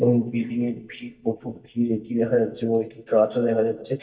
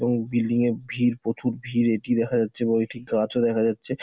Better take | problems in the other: second | noise reduction (neural mask model DeepFilterNet 3)

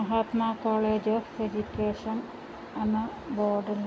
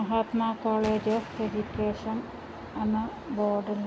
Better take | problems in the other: first | background sound (Explosion); 17 dB below the speech

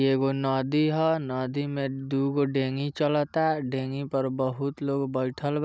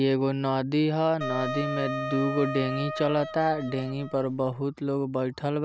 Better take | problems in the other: first | background sound (Wind instrument, woodwind instrument); 7 dB below the speech

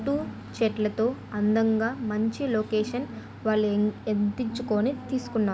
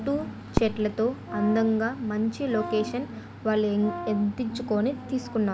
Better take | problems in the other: first | background sound (Fireworks + Brass instrument); 11 dB below the speech

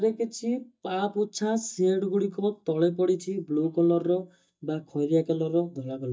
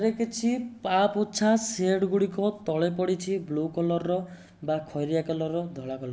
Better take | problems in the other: second | noise reduction (neural mask model DeepFilterNet 3)

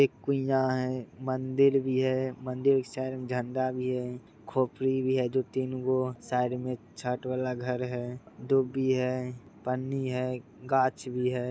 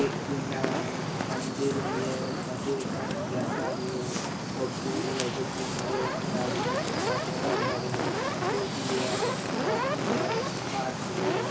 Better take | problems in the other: first | background sound (Fire); 5 dB above the speech // room echo; dies away in 0.2 s

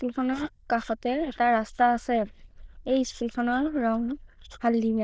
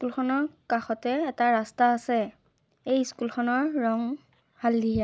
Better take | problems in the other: second | noise reduction (neural diffusion model UNIVERSE++)

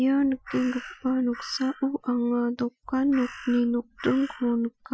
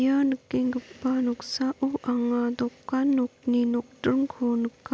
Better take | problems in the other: second | noise reduction (classical method Wiener filter)

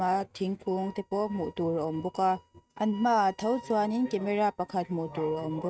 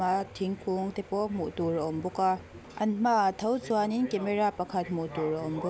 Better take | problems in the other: second | noise reduction (neural mask model RNNoise)

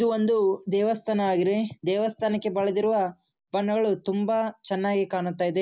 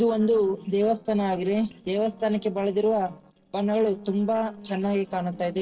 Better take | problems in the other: first | noise reduction (neural separator model SepFormer DNS4)

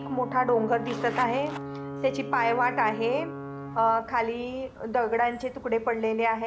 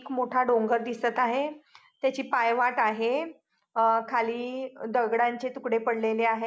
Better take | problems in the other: second | background sound (Alarm / Ocean / Boat, Water vehicle + Zipper (clothing)); 11 dB below the speech

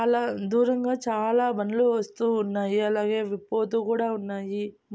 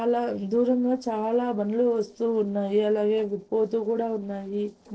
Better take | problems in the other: first | noise reduction (neural separator model SepFormer DNS4)

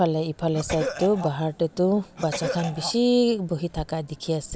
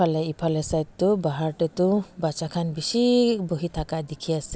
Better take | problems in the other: second | background sound (Cough); 8 dB below the speech

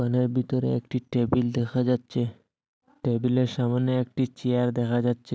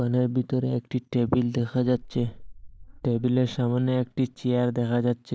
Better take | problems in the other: first | noise reduction (neural mask model Resemble Enhance denoiser)

